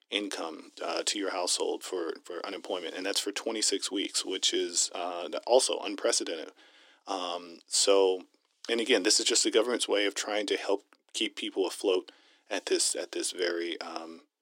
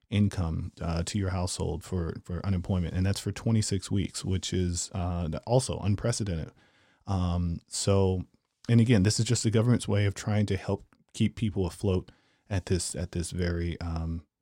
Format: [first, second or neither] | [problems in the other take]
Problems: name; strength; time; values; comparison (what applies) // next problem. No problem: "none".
second | thin; very; fading below 300 Hz